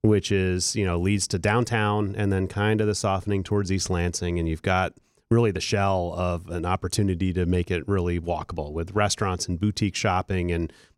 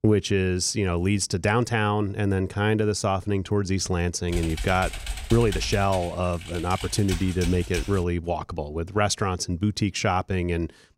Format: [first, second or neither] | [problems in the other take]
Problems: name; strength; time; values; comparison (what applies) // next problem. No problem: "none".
first | keyboard typing; noticeable; from 4.5 to 8 s; peak 7 dB below the speech